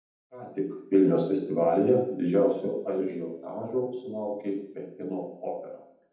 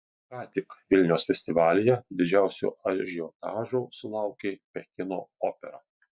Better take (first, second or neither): second